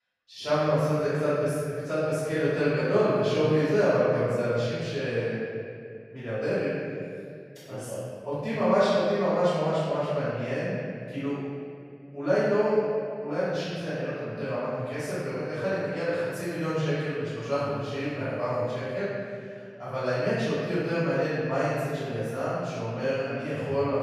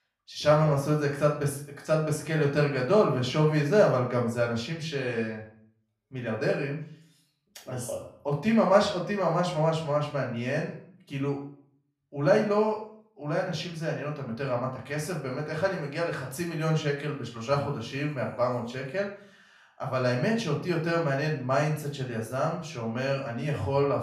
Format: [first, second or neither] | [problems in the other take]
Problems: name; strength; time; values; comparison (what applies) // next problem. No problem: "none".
second | room echo; strong; dies away in 2.2 s; slight in the second // off-mic speech; far; far in the second